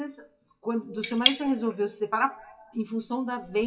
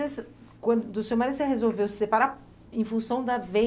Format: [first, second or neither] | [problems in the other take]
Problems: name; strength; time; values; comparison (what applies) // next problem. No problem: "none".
second | noise reduction (classical method WPE with log-MMSE)